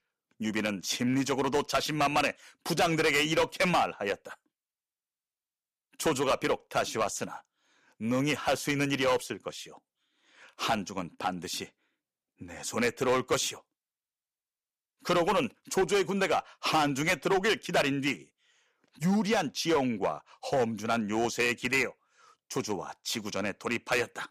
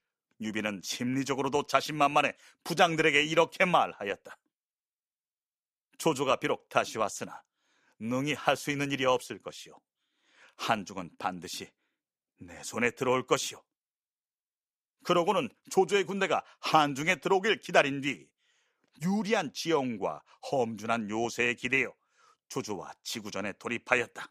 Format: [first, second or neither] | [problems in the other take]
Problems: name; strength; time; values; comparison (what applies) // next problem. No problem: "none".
second | distortion; heavy; 5% of the sound clipped